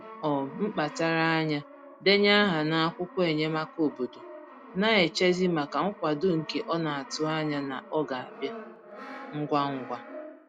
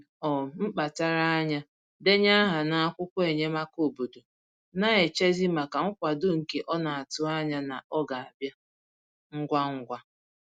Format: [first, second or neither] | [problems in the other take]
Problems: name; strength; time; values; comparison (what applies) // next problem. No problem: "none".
second | background sound (Brass instrument); 16 dB below the speech